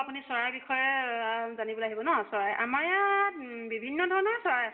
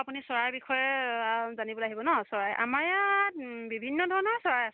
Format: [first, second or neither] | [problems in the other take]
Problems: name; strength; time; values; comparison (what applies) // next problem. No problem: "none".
second | room echo; dies away in 2 s